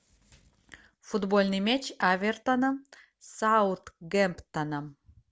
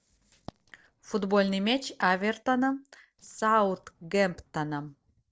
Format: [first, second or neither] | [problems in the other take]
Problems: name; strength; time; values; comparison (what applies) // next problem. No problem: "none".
first | noise reduction (neural separator model SepFormer DNS4)